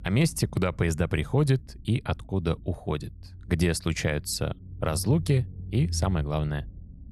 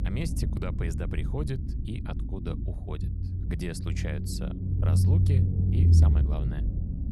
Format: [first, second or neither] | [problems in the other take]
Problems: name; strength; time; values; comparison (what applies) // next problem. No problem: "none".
first | low rumble; loud; throughout; as loud as the speech; faint in the first